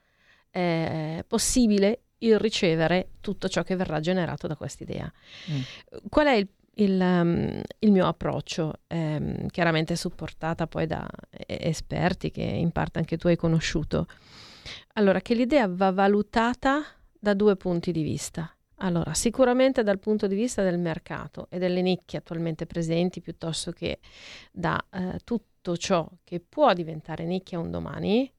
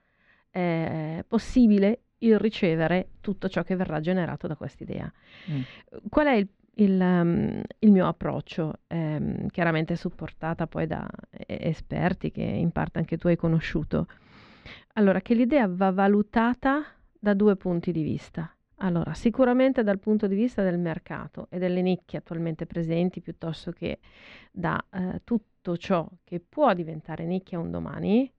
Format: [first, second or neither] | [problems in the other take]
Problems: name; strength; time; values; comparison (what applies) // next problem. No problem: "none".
first | muffled; slightly; fading above 2 kHz